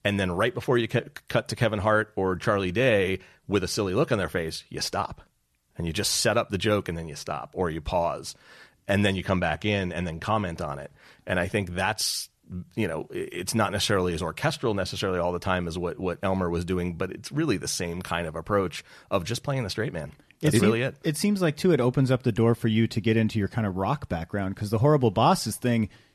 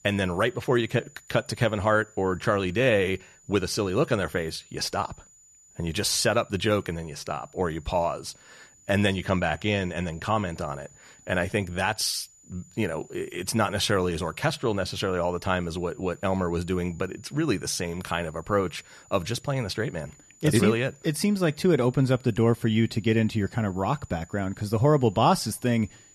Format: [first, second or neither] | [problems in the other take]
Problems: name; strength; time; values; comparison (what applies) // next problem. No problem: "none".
first | high-pitched whine; faint; throughout; 7 kHz, 25 dB below the speech